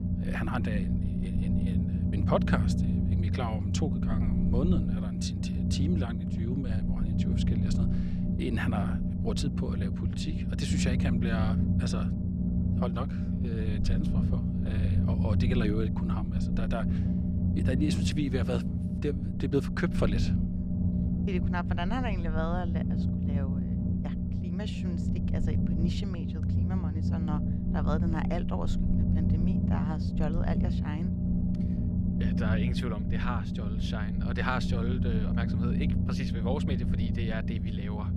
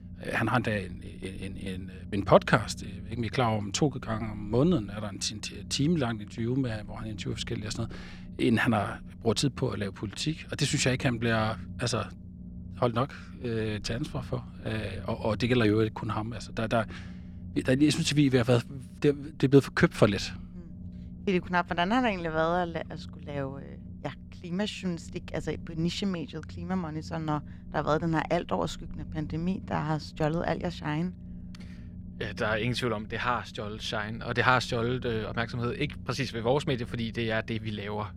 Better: second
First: low rumble; loud; throughout; 1 dB below the speech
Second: low rumble; faint; throughout; 25 dB below the speech

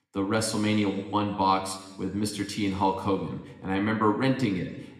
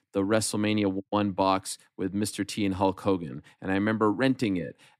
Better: second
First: room echo; slight; dies away in 1.1 s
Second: none

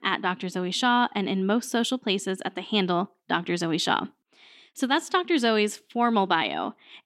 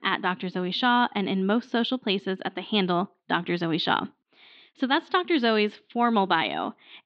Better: first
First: none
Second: muffled; very slightly; fading above 4 kHz

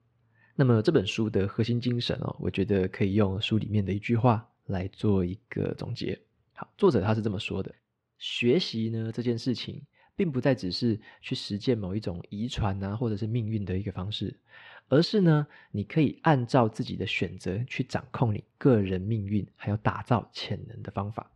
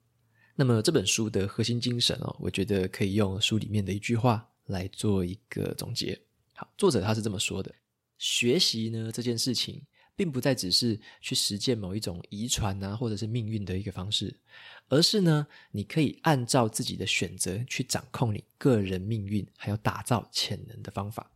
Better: second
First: muffled; slightly; fading above 2.5 kHz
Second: none

